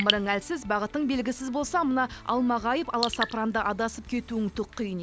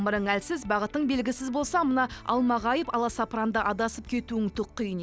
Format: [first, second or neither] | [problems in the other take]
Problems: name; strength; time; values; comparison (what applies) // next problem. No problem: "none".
second | background sound (Raindrop / Drip); 10 dB below the speech